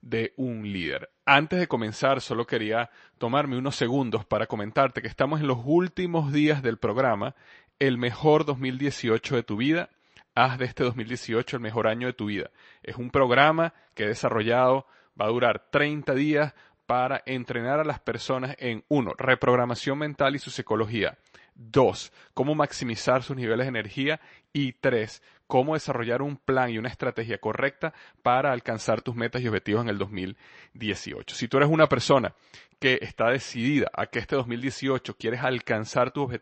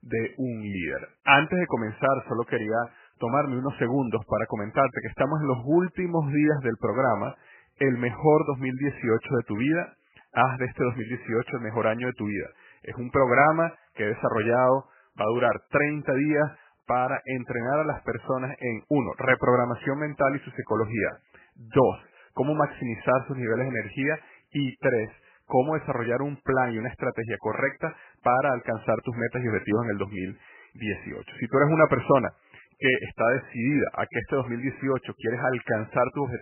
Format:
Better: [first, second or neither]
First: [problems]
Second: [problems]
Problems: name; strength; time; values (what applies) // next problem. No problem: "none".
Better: first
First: garbled, watery; slightly; nothing above 8 kHz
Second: garbled, watery; badly; nothing above 3 kHz